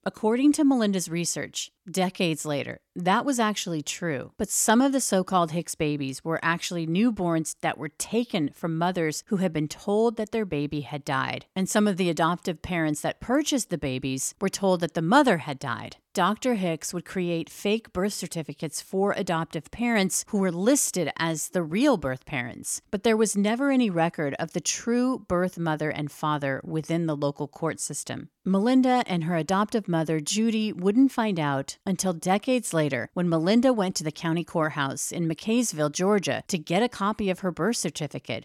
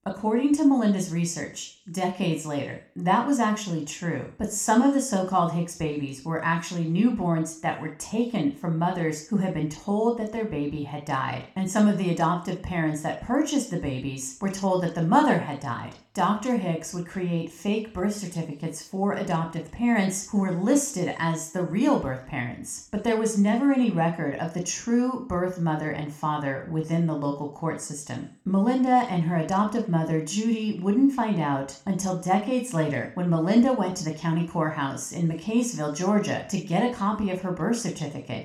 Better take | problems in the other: first | room echo; slight; dies away in 0.4 s

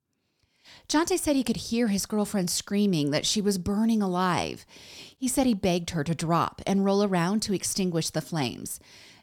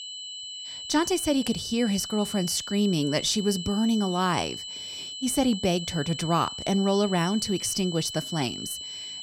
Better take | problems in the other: first | high-pitched whine; loud; throughout; 3 kHz, 8 dB below the speech

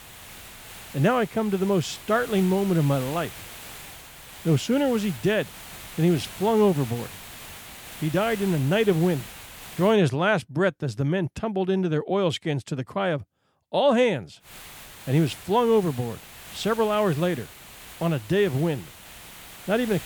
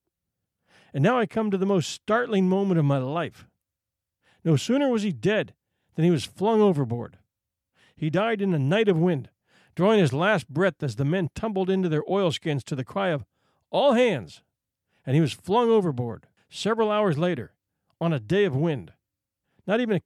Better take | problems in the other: second | hiss; noticeable; until 10 s and from 14 s on; 15 dB below the speech

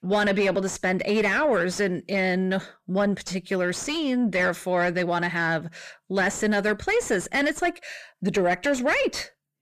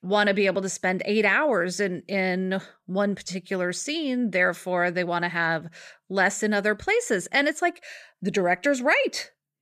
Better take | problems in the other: second | distortion; slight; 10 dB below the speech

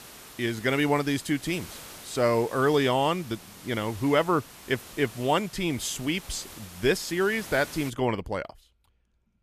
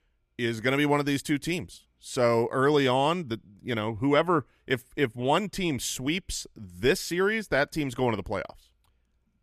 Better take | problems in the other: second | hiss; noticeable; until 8 s; 15 dB below the speech

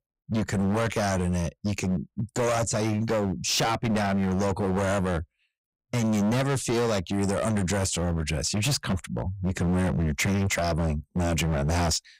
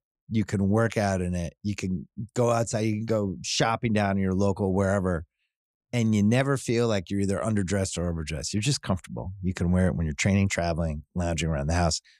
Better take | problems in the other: second | distortion; heavy; 23% of the sound clipped

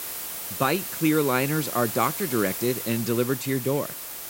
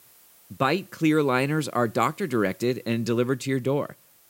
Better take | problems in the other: second | hiss; loud; throughout; 5 dB below the speech; faint in the second

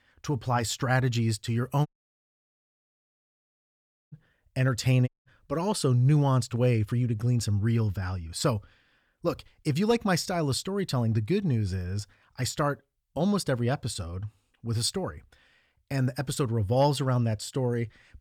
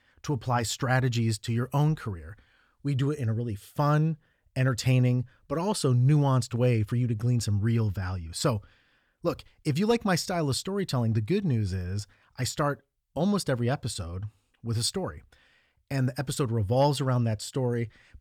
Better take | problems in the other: second | audio cutting out; at 2 s for 2.5 s and at 5 s

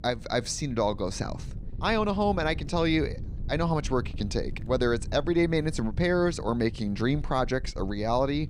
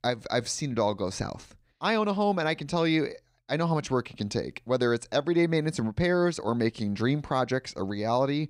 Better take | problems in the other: second | wind noise on the microphone; occasional gusts; 25 dB below the speech

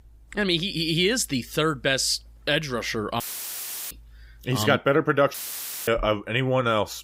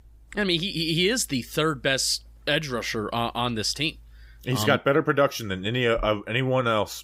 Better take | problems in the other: second | audio cutting out; filled with static; at 3 s for 0.5 s and at 5.5 s for 0.5 s

